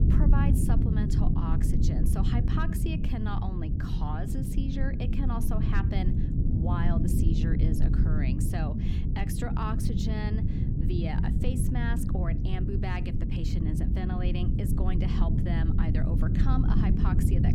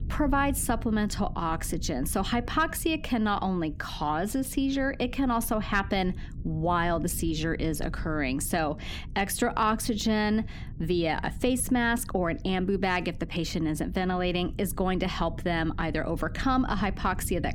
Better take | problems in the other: second | low rumble; loud; throughout; as loud as the speech; faint in the second

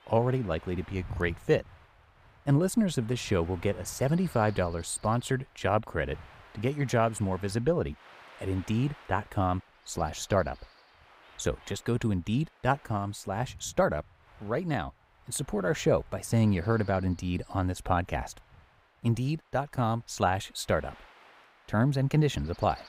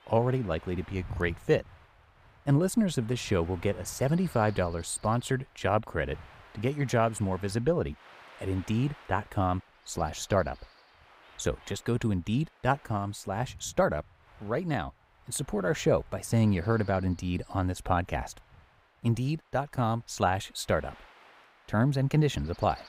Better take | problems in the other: neither | wind noise on the microphone; occasional gusts; 20 dB below the speech; the same in both

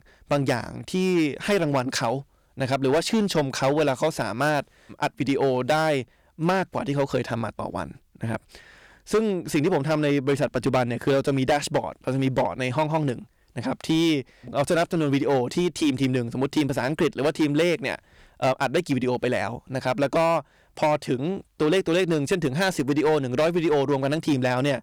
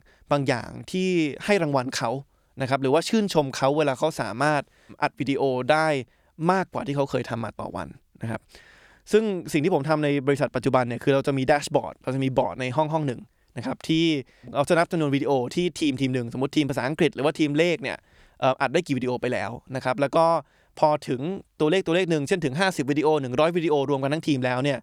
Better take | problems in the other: second | distortion; slight; 7% of the sound clipped

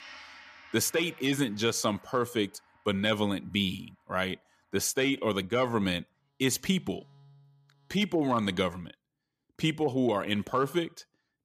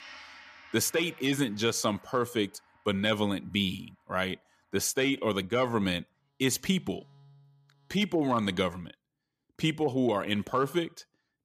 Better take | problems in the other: neither | background music; faint; until 8 s; 25 dB below the speech; the same in both

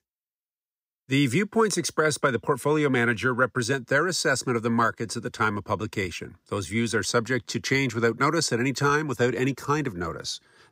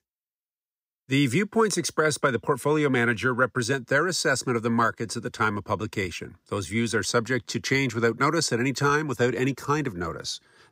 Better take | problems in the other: neither | none

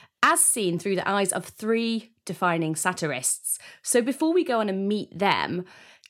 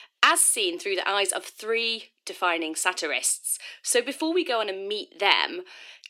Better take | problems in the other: first | thin; very; fading below 300 Hz

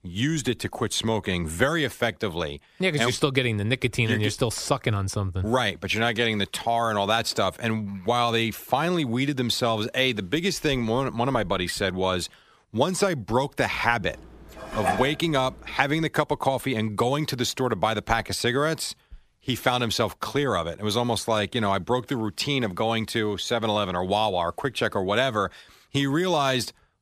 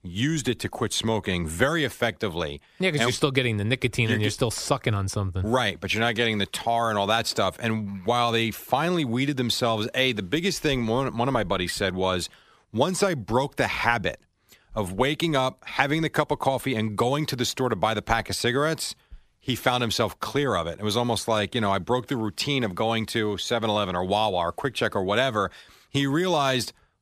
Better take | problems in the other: second | clattering dishes; noticeable; at 15 s; peak 2 dB below the speech

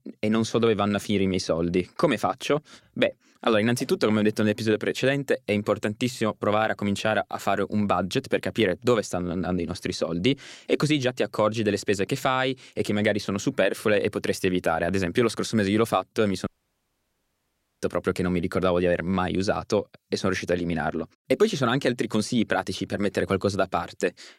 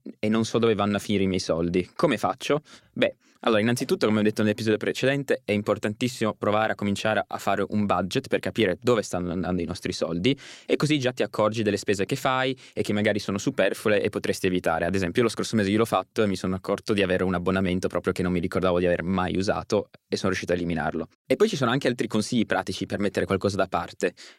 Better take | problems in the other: second | audio cutting out; at 16 s for 1.5 s

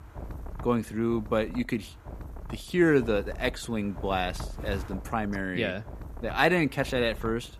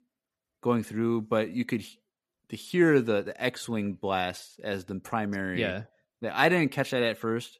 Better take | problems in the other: second | wind noise on the microphone; occasional gusts; 20 dB below the speech

